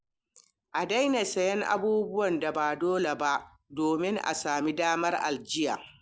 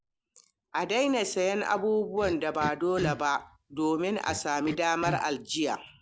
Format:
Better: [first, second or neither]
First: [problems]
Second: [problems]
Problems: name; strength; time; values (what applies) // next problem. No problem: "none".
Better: first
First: none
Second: background sound (Cough); 11 dB below the speech